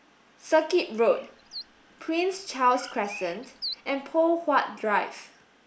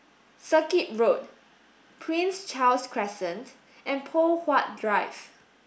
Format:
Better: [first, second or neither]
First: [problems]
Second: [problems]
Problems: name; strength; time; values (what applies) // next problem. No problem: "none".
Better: second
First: background sound (Bird); 15 dB below the speech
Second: none